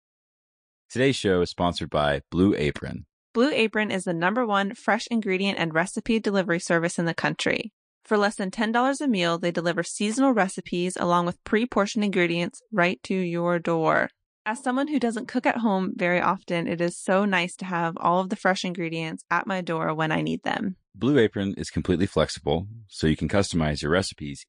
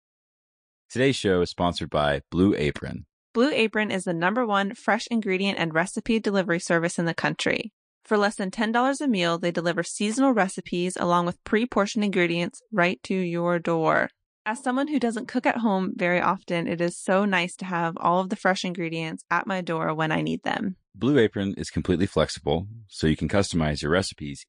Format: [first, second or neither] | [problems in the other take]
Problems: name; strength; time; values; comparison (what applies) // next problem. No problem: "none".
neither | garbled, watery; slightly; nothing above 9 kHz; the same in both